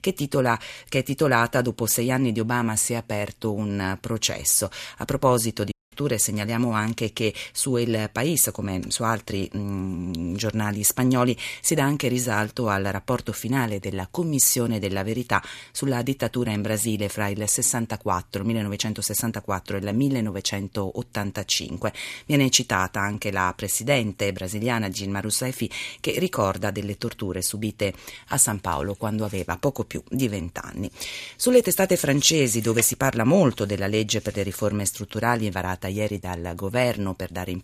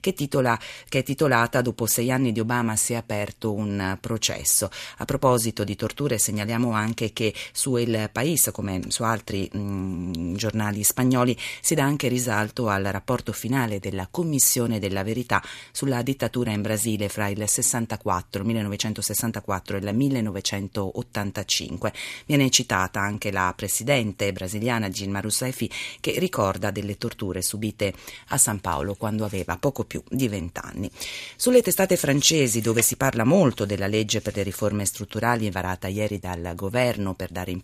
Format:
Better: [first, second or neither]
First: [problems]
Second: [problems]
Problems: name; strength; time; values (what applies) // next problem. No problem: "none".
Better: second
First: audio cutting out; at 5.5 s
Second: none